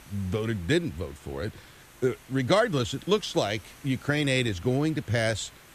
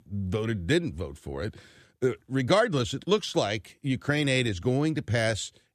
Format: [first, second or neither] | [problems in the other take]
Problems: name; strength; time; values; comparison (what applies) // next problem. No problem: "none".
second | hiss; faint; throughout; 20 dB below the speech